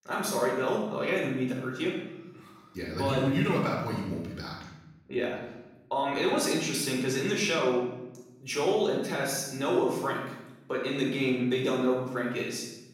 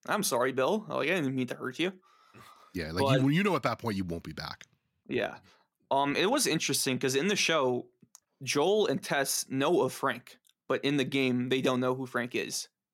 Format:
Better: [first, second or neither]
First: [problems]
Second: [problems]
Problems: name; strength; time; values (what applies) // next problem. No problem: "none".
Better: second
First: off-mic speech; far // room echo; noticeable; dies away in 0.9 s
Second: none